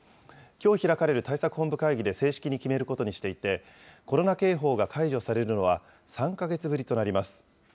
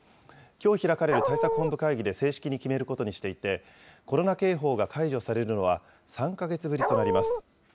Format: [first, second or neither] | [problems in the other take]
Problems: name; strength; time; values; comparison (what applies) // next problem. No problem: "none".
first | background sound (Dog); 2 dB above the speech